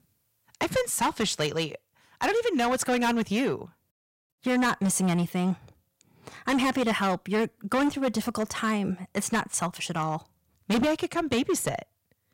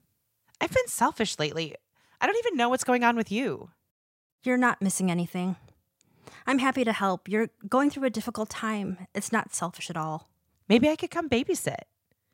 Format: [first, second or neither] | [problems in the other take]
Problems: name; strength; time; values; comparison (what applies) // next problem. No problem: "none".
second | distortion; heavy; 11% of the sound clipped